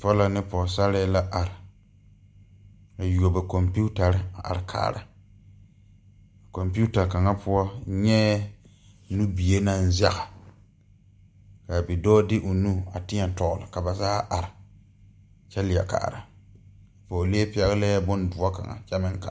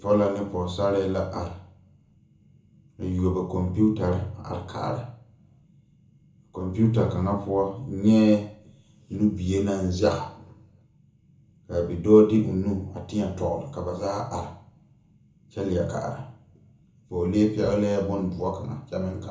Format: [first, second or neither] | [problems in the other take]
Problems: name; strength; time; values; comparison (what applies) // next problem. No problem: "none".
first | room echo; dies away in 0.6 s